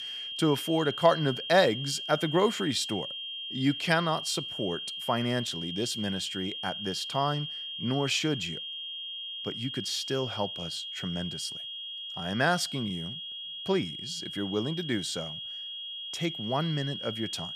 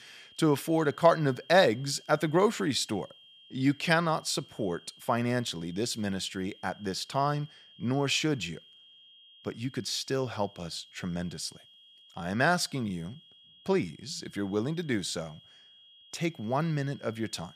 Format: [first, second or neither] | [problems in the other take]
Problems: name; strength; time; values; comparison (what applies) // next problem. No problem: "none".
second | high-pitched whine; loud; throughout; 3 kHz, 5 dB below the speech; faint in the second